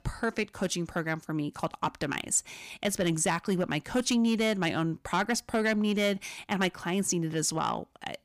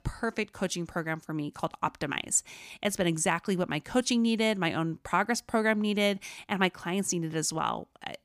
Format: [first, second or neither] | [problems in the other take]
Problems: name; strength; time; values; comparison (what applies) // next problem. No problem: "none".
second | distortion; slight; 10 dB below the speech